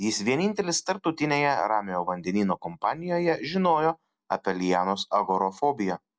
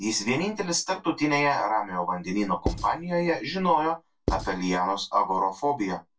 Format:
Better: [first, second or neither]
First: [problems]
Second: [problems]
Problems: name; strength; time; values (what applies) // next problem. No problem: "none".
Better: first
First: none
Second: background sound (Writing); 6 dB below the speech // room echo; dies away in 0.2 s